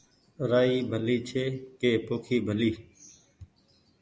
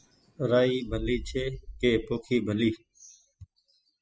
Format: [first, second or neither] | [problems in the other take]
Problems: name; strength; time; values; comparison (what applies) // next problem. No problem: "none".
first | noise reduction (classical method spectral subtraction)